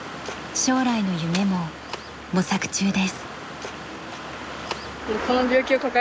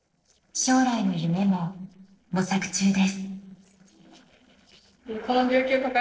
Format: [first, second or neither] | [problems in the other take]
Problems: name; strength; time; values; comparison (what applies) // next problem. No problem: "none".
first | noise reduction (neural separator model SepFormer DNS4)